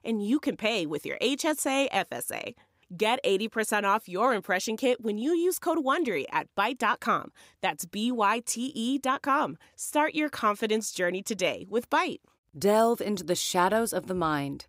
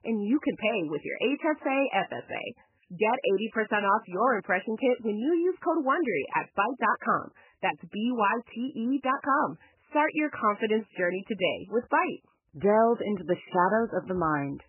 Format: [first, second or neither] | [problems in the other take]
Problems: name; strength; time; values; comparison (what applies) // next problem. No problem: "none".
first | garbled, watery; badly; nothing above 3 kHz